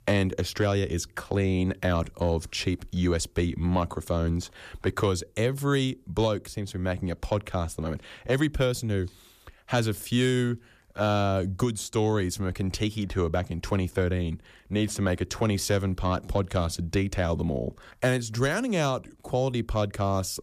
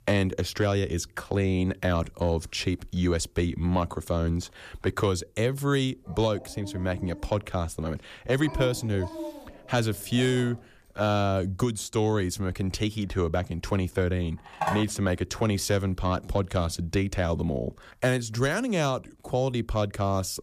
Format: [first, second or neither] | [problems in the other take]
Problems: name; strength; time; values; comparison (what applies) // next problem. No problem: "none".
first | dog barking; noticeable; from 6 to 11 s; peak 9 dB below the speech // phone ringing; noticeable; at 15 s; peak 2 dB below the speech